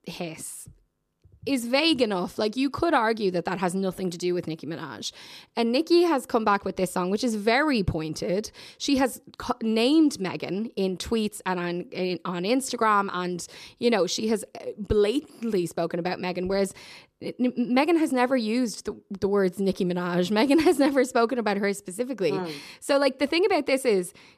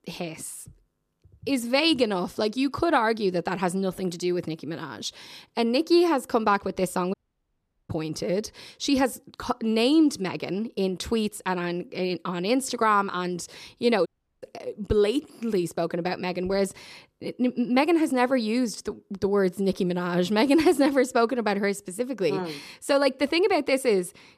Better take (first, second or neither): first